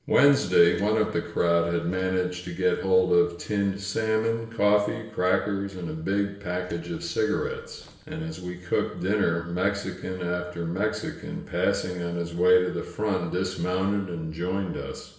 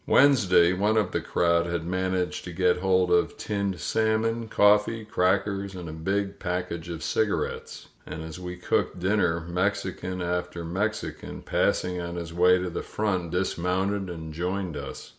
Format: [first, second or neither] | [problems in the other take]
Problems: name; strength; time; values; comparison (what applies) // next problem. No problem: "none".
second | noise reduction (neural separator model SepFormer DNS4)